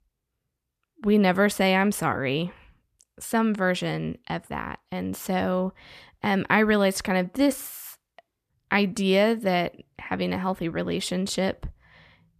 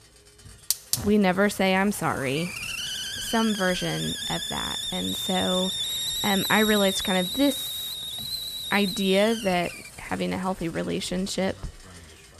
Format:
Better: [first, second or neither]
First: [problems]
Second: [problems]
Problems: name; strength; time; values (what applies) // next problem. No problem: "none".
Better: first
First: none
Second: hiss; loud; throughout; 3 dB below the speech